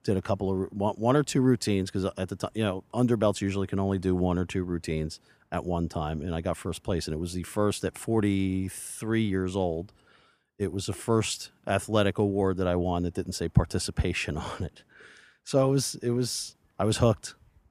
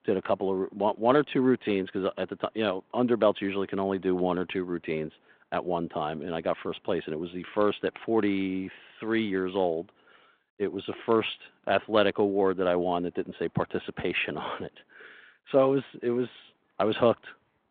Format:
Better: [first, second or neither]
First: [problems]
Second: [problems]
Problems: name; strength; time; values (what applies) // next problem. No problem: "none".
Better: first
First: none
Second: phone-call audio; nothing above 3.5 kHz